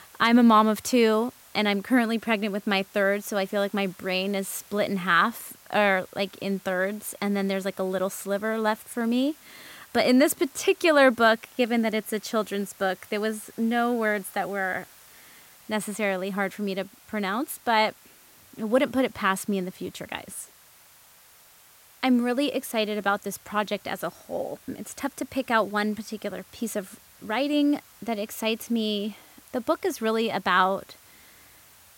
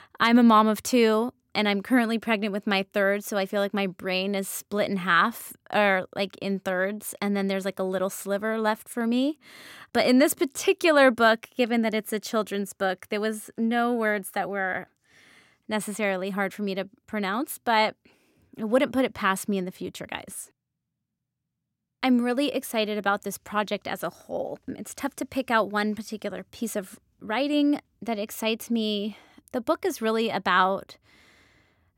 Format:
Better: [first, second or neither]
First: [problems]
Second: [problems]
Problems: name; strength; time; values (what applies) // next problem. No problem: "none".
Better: second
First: hiss; faint; throughout; 25 dB below the speech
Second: none